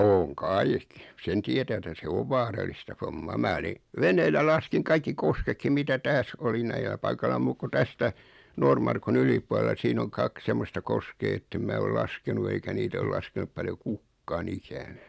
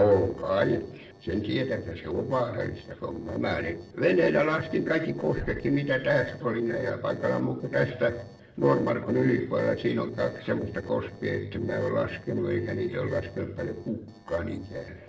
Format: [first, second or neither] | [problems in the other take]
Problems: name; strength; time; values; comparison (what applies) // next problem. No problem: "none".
first | noise reduction (neural separator model SepFormer DNS4)